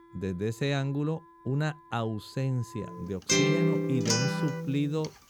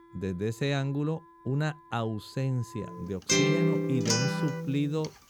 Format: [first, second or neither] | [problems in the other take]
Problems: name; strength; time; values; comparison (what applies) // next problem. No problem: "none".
neither | background music; very loud; throughout; 4 dB above the speech; the same in both